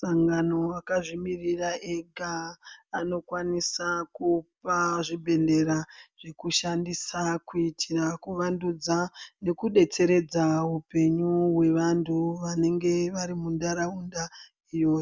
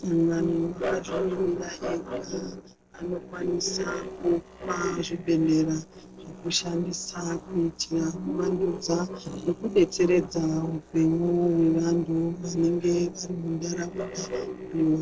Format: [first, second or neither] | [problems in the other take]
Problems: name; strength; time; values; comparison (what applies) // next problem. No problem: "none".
first | noise reduction (neural separator model SepFormer DNS4)